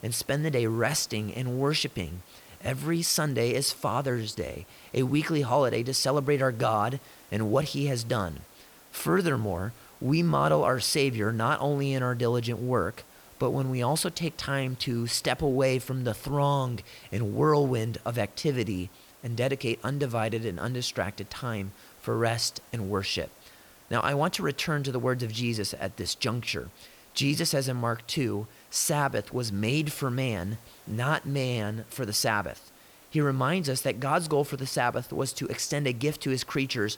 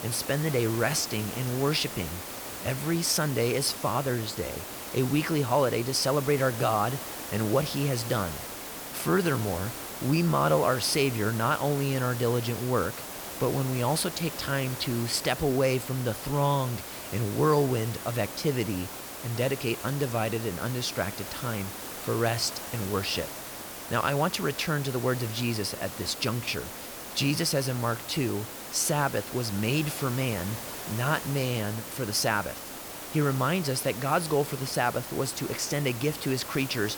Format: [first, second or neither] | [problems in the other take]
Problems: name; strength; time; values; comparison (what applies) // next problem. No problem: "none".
first | hiss; loud; throughout; 9 dB below the speech; faint in the first